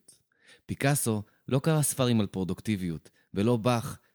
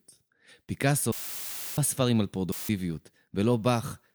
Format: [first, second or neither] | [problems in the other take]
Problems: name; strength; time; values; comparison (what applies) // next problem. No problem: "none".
first | audio cutting out; filled with static; at 1 s for 0.5 s and at 2.5 s